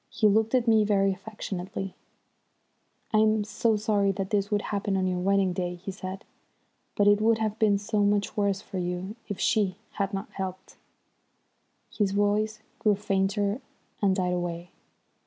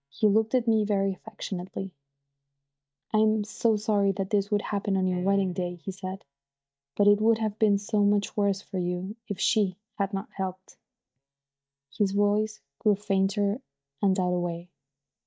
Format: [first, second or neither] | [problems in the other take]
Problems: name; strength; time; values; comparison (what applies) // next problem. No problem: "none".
first | noise reduction (neural mask model DeepFilterNet 3)